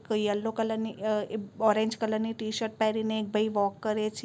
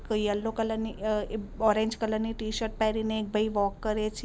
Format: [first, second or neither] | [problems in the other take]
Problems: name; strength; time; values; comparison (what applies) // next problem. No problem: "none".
first | background sound (Subway, metro, underground); 13 dB below the speech